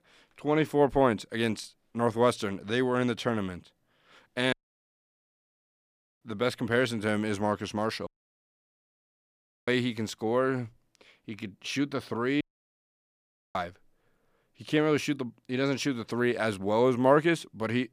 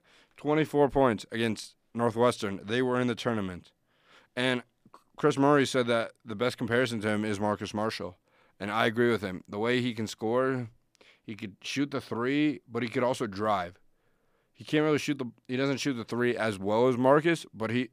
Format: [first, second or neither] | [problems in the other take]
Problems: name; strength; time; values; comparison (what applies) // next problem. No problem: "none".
second | audio cutting out; at 4.5 s for 1.5 s, at 8 s for 1.5 s and at 12 s for 1 s